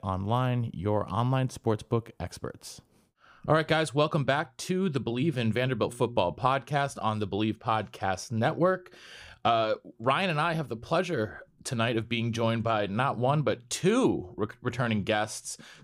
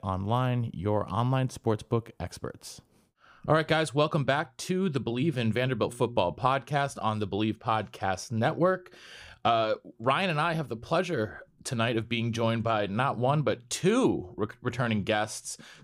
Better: neither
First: none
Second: none

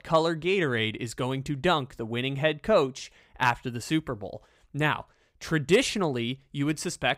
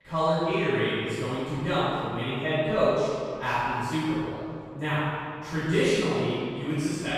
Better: first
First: none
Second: off-mic speech; far // room echo; strong; dies away in 2 s

